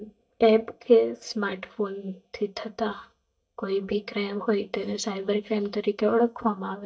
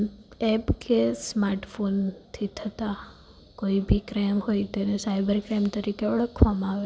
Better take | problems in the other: second | noise reduction (neural mask model DeepFilterNet 3)

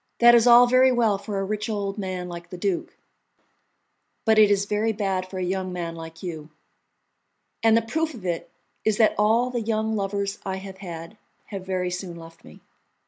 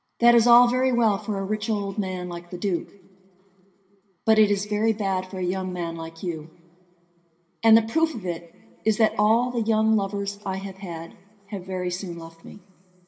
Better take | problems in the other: first | room echo; dies away in 2.4 s

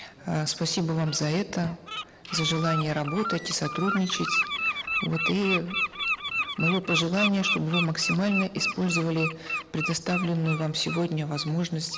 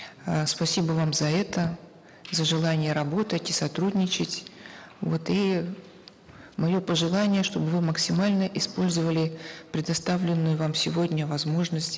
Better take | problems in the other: second | background sound (Bird); 4 dB below the speech

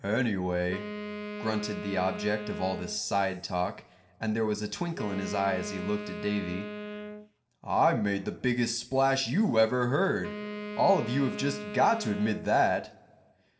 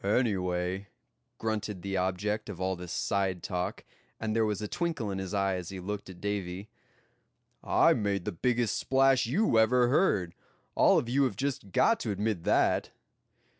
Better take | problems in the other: second | background sound (Wind instrument, woodwind instrument); 10 dB below the speech // room echo; dies away in 1.2 s

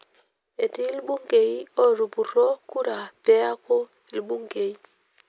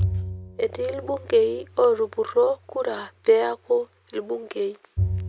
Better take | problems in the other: first | background sound (Bowed string instrument); 8 dB below the speech

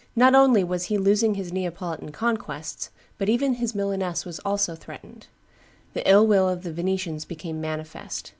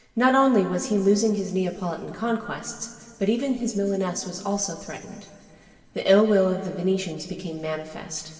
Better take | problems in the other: first | room echo; dies away in 2.3 s

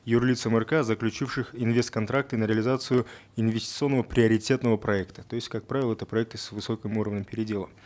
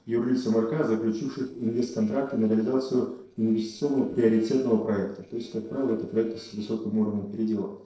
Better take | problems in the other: first | noise reduction (neural separator model SepFormer DNS4)

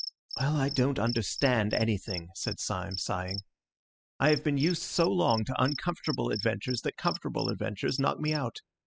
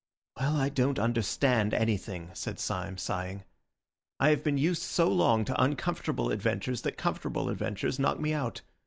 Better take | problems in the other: second | noise reduction (classical method spectral subtraction)

